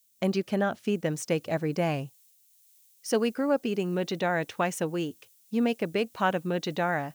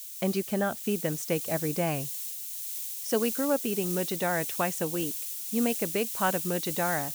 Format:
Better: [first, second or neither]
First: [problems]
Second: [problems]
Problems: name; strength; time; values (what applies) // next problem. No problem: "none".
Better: first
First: hiss; faint; throughout; 30 dB below the speech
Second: hiss; loud; throughout; 2 dB below the speech